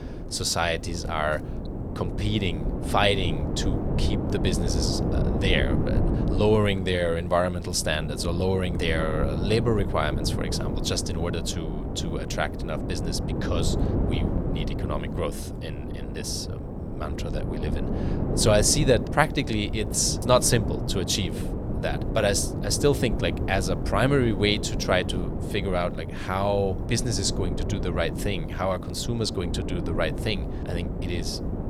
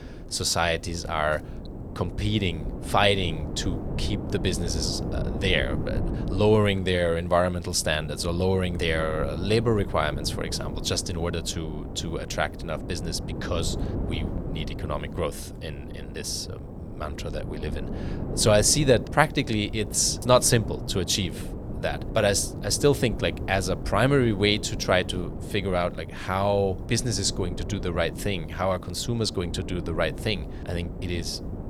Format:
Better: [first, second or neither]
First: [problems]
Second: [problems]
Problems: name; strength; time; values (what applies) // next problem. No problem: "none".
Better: second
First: wind noise on the microphone; heavy; 9 dB below the speech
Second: wind noise on the microphone; occasional gusts; 15 dB below the speech